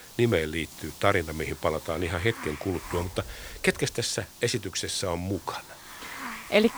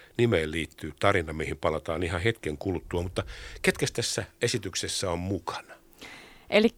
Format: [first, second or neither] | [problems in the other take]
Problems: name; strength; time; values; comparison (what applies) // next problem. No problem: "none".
second | hiss; noticeable; throughout; 15 dB below the speech